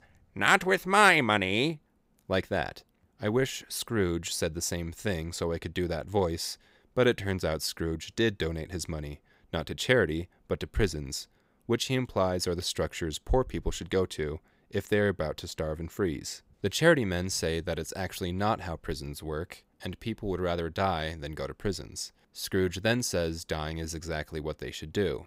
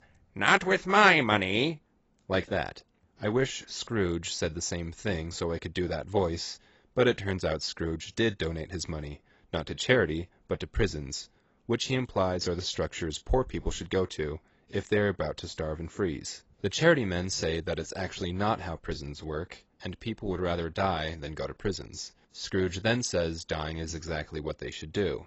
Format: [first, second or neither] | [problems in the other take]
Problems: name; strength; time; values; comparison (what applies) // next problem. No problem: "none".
first | garbled, watery; badly; nothing above 8 kHz